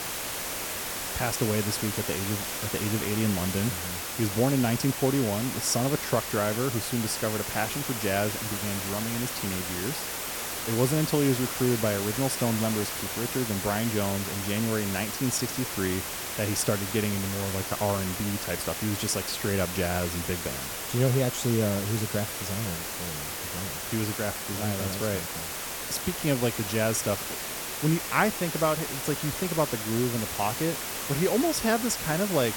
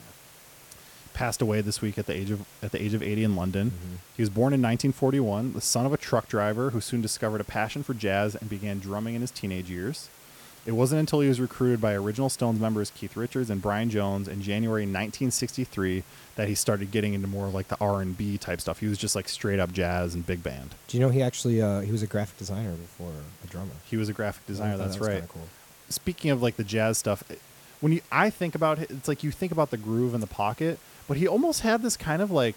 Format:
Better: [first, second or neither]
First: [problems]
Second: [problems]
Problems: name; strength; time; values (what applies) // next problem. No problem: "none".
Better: second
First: hiss; loud; throughout; 3 dB below the speech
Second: hiss; faint; throughout; 20 dB below the speech